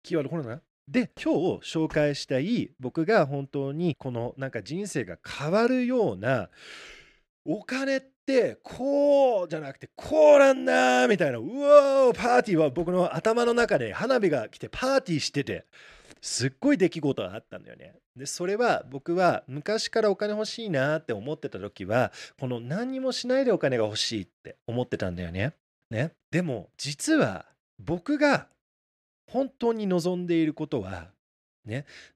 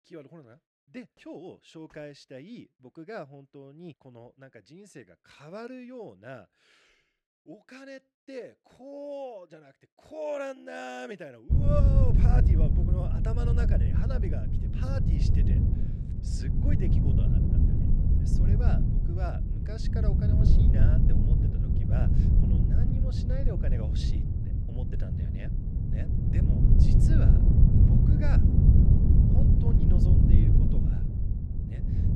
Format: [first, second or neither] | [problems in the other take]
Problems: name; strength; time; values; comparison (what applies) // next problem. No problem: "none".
first | wind noise on the microphone; heavy; from 12 s on; 3 dB above the speech